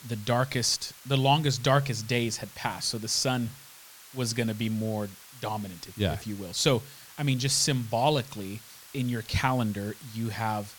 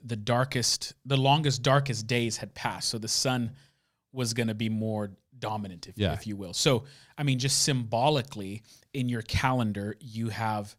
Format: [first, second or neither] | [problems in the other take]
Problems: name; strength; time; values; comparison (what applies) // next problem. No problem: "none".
second | hiss; noticeable; throughout; 20 dB below the speech